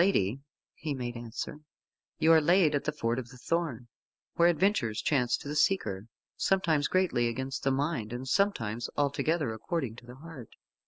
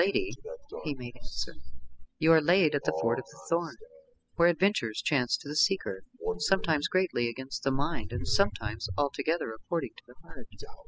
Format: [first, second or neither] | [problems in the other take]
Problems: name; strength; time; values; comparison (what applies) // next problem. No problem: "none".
first | noise reduction (classical method spectral subtraction)